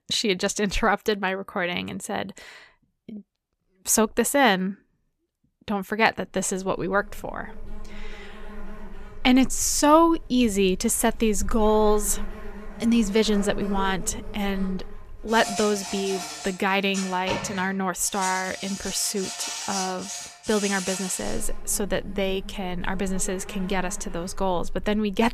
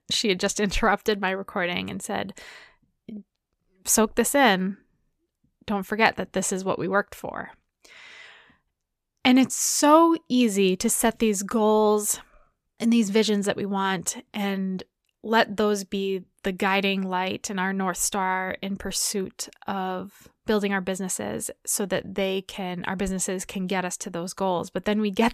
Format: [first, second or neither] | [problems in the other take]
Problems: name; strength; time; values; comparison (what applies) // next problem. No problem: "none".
second | animal sounds; noticeable; from 7 s on; 10 dB below the speech